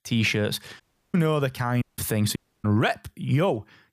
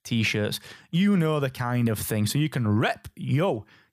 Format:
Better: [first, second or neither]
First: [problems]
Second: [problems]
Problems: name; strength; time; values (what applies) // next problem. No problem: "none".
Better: second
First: audio cutting out; at 1 s, at 2 s and at 2.5 s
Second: none